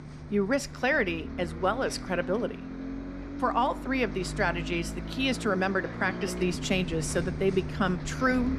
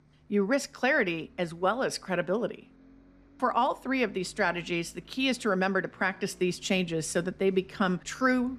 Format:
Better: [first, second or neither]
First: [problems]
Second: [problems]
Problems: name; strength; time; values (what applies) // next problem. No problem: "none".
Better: second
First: traffic noise; loud; throughout; 8 dB below the speech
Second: traffic noise; faint; throughout; 25 dB below the speech